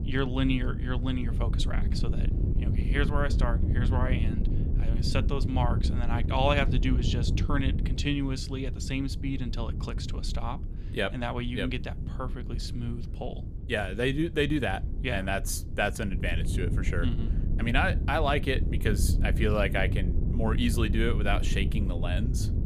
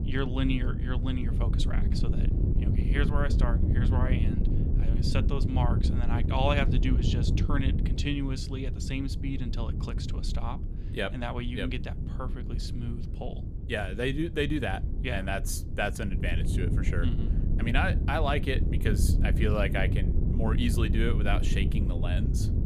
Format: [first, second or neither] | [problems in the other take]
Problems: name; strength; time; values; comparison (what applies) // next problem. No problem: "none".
first | wind noise on the microphone; heavy; 8 dB below the speech; occasional gusts in the first